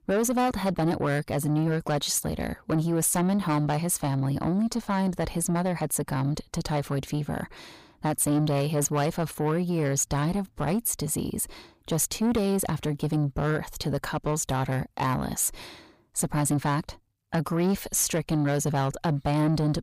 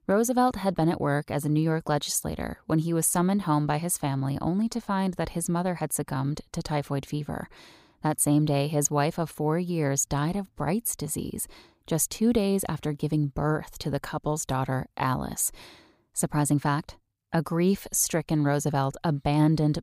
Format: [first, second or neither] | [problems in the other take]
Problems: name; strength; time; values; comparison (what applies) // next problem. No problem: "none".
second | distortion; slight; 9 dB below the speech